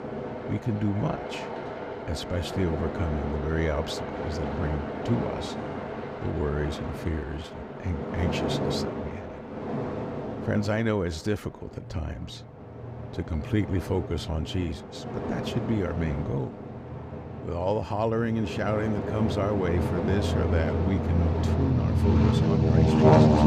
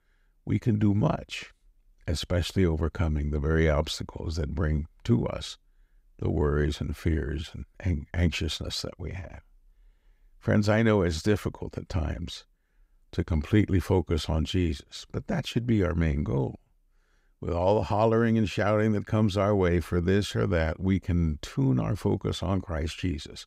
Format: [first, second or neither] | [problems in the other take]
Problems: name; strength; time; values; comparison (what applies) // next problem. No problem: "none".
second | train or aircraft noise; very loud; throughout; 1 dB above the speech